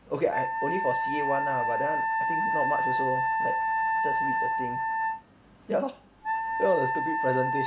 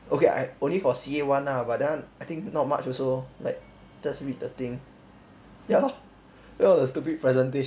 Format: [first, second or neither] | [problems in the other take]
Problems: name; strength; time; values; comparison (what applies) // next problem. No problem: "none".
second | background sound (Wind instrument, woodwind instrument); 4 dB above the speech